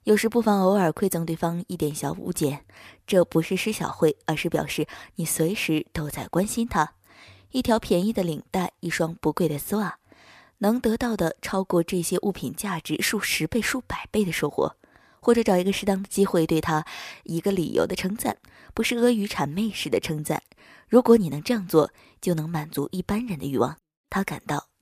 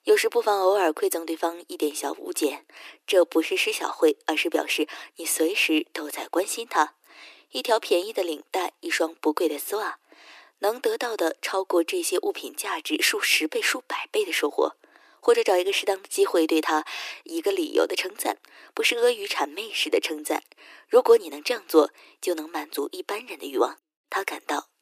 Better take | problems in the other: first | thin; very; fading below 300 Hz

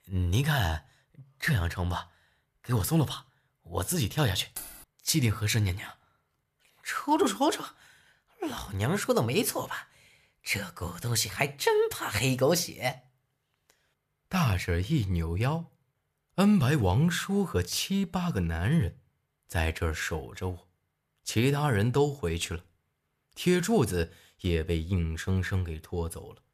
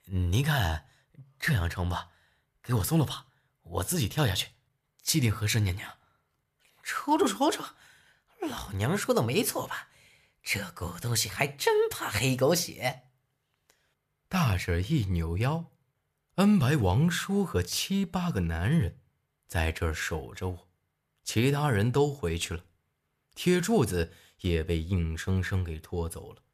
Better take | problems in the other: second | jangling keys; faint; at 4.5 s; peak 10 dB below the speech

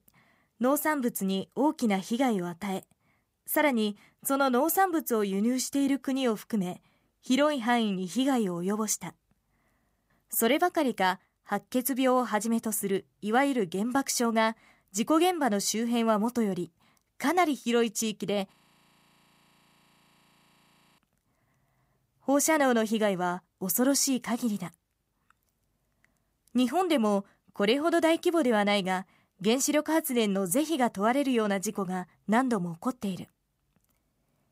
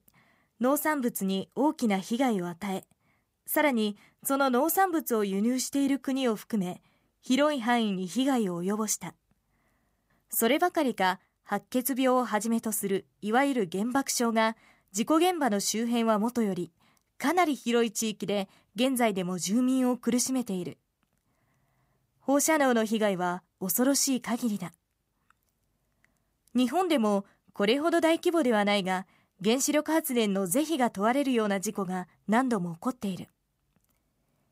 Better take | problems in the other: second | audio freezing; at 19 s for 2.5 s

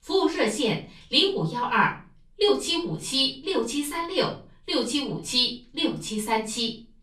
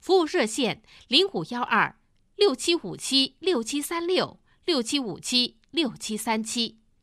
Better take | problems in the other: second | off-mic speech; far // room echo; slight; dies away in 0.3 s

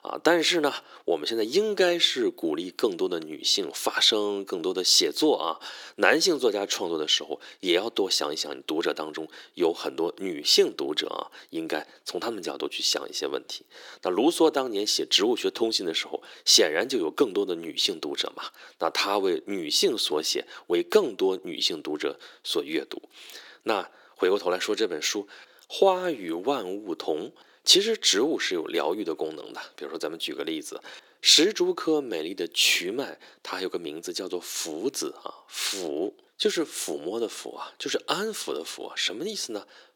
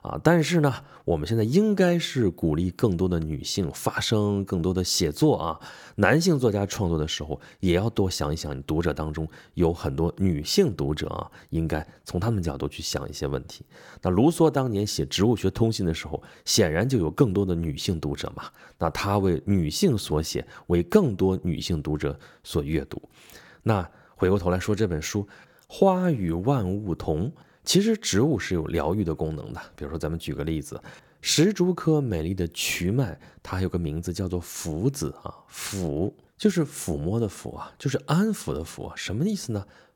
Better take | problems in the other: second | thin; somewhat; fading below 350 Hz

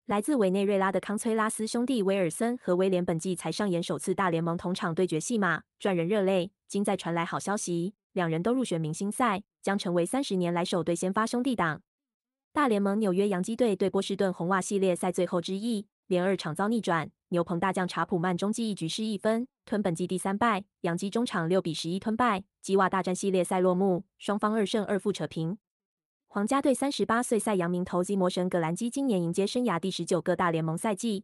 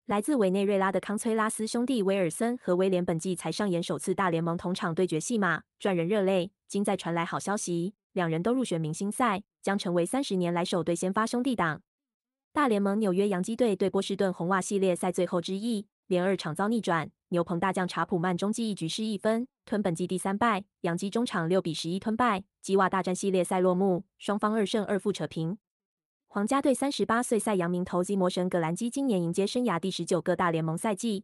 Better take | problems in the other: neither | none

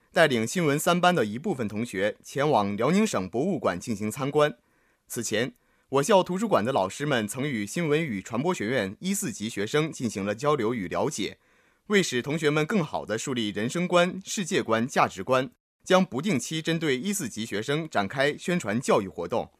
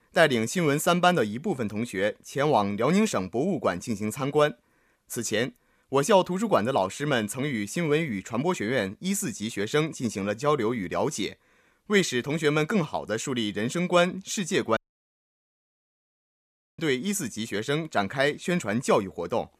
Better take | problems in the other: first | audio cutting out; at 15 s for 2 s

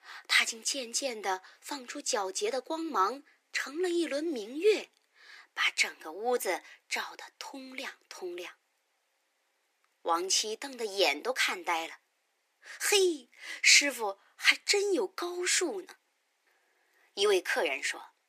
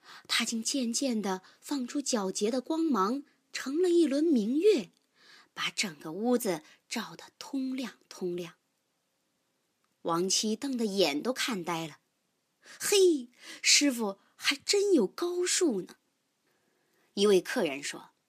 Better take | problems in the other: second | thin; very; fading below 400 Hz

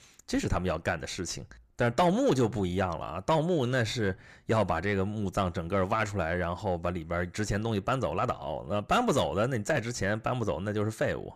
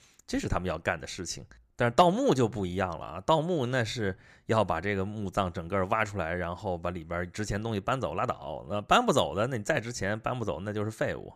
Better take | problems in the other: second | distortion; slight; 10 dB below the speech

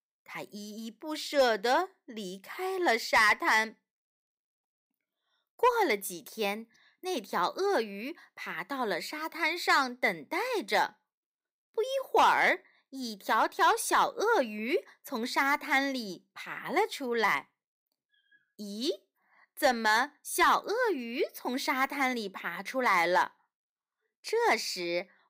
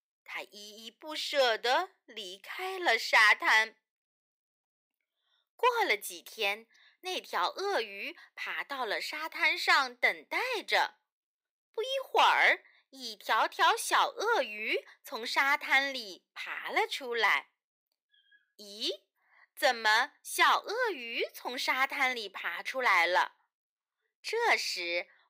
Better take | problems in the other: first | thin; somewhat; fading below 500 Hz

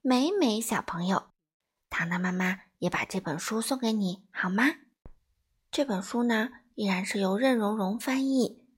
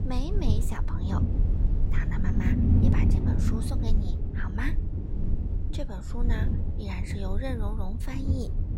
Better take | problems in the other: first | low rumble; loud; throughout; as loud as the speech

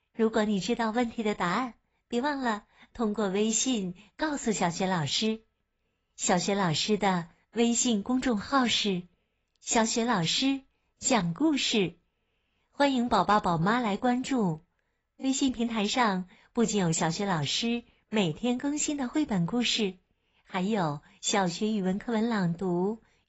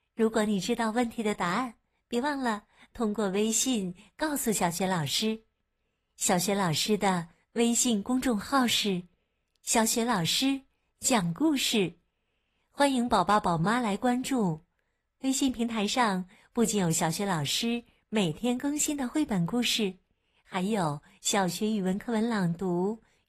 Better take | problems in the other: second | garbled, watery; badly; nothing above 7.5 kHz; slightly in the second

